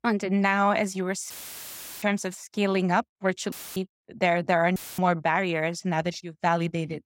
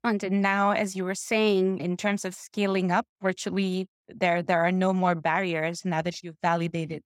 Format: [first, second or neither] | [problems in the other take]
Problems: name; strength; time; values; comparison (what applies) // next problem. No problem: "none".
second | audio cutting out; filled with static; at 1.5 s for 0.5 s, at 3.5 s and at 5 s